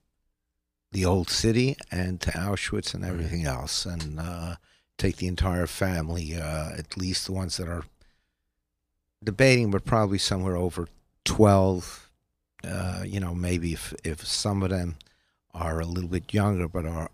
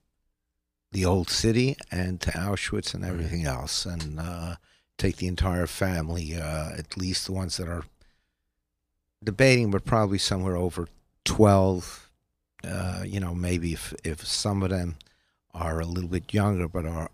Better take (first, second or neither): neither